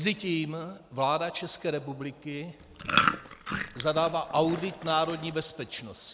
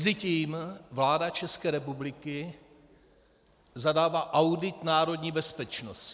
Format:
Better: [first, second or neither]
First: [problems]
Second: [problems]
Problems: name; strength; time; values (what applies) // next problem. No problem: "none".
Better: second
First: background sound (Chewing, mastication); 2 dB below the speech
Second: none